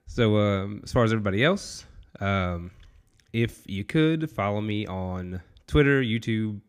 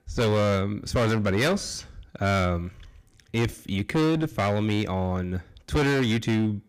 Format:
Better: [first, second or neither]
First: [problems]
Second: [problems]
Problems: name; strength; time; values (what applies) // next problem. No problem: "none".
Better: first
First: none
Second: distortion; heavy; 20% of the sound clipped